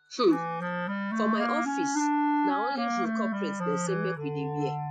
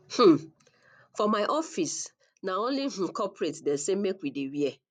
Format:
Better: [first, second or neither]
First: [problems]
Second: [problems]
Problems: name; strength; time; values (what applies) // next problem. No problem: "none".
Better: second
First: noise reduction (classical method Wiener filter)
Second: none